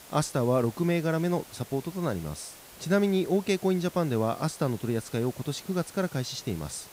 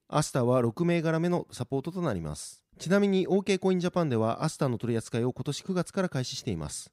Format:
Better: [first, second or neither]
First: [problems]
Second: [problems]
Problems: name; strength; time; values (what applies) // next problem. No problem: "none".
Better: second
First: hiss; noticeable; throughout; 20 dB below the speech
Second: none